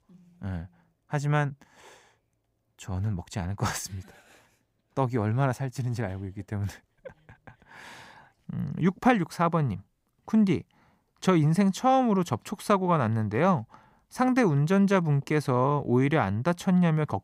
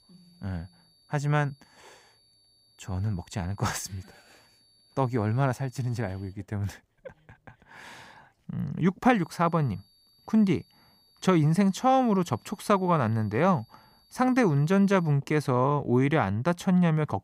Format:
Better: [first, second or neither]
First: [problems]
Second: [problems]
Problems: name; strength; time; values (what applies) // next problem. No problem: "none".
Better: first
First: none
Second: high-pitched whine; faint; until 6.5 s and from 9 to 15 s; 4.5 kHz, 35 dB below the speech